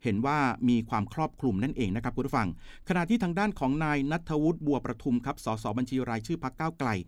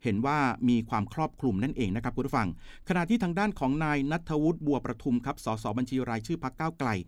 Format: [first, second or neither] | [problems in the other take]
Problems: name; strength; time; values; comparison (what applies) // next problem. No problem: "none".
neither | none